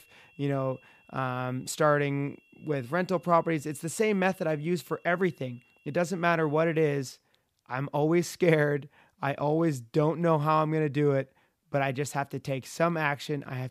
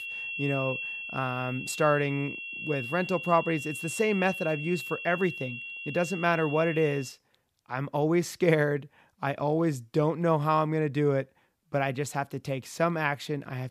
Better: first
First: high-pitched whine; faint; until 7 s; 2.5 kHz, 35 dB below the speech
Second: high-pitched whine; loud; until 7 s; 2.5 kHz, 7 dB below the speech

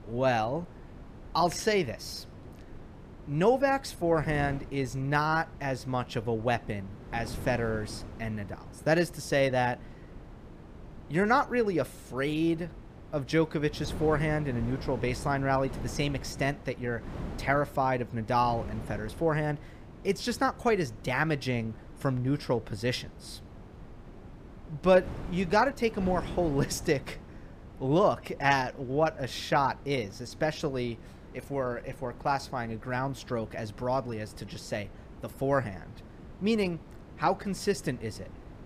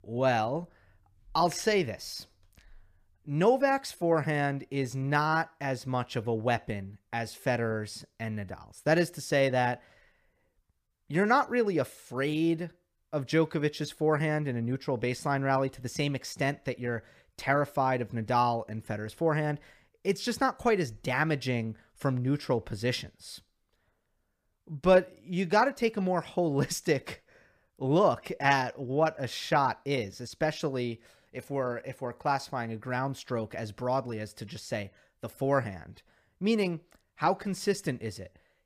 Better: second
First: wind noise on the microphone; occasional gusts; 20 dB below the speech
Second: none

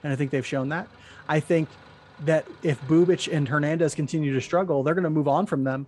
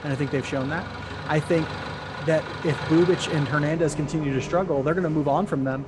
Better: first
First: traffic noise; faint; throughout; 25 dB below the speech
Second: traffic noise; loud; throughout; 9 dB below the speech

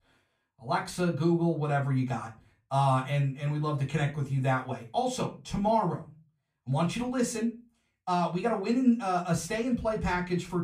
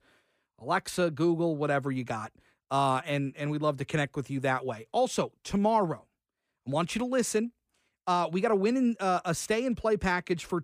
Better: second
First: off-mic speech; far // room echo; very slight; dies away in 0.3 s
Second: none

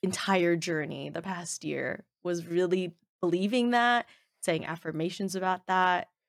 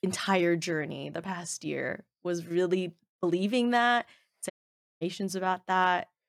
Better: first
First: none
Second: audio cutting out; at 4.5 s for 0.5 s

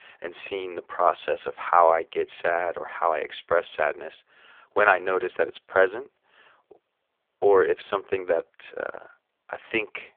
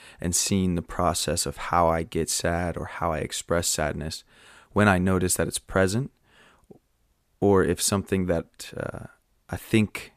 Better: second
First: phone-call audio; poor line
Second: none

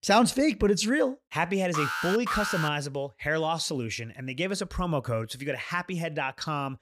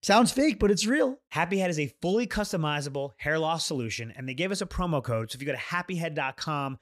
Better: second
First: alarm; noticeable; at 1.5 s; peak 1 dB below the speech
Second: none

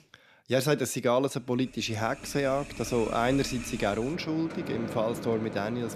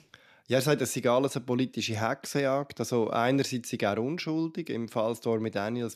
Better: second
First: household noises; noticeable; from 2 s on; 10 dB below the speech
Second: none

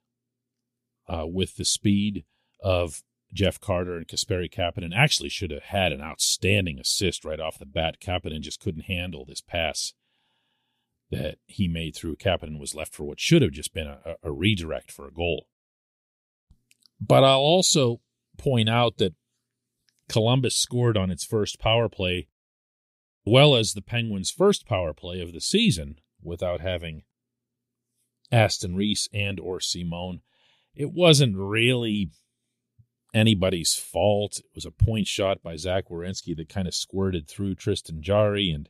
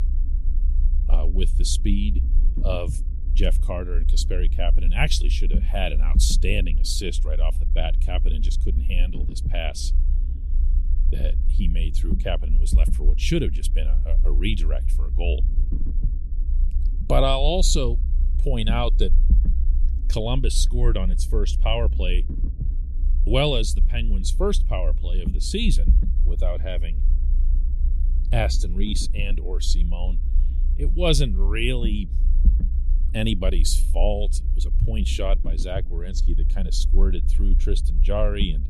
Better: first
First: none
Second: low rumble; noticeable; throughout; 15 dB below the speech

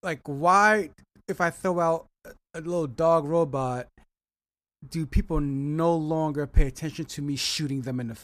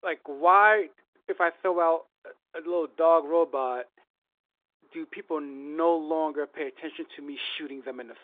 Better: first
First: none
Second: phone-call audio

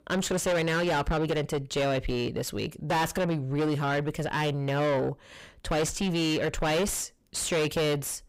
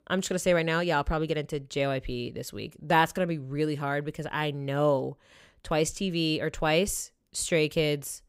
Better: second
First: distortion; heavy; 5 dB below the speech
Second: none

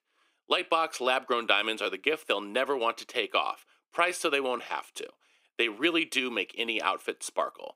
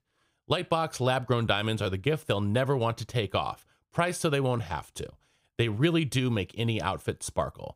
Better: second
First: thin; very; fading below 300 Hz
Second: none

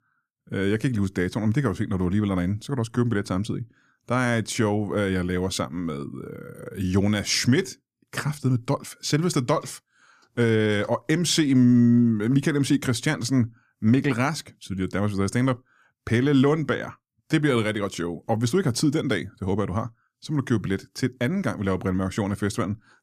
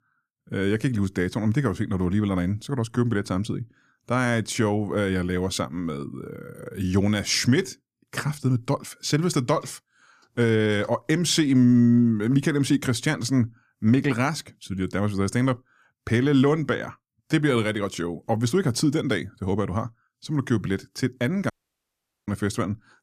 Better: first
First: none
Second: audio cutting out; at 22 s for 1 s

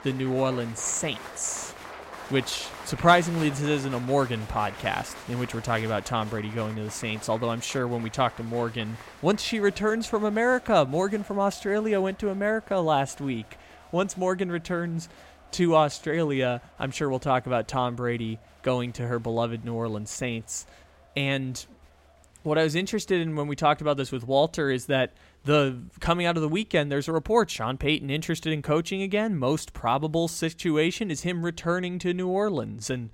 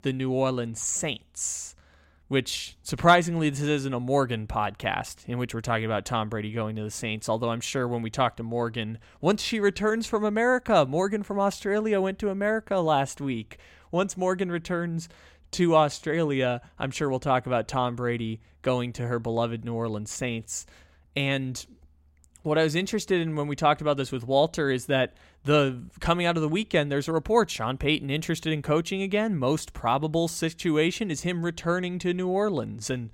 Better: second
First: crowd noise; noticeable; throughout; 15 dB below the speech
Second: none

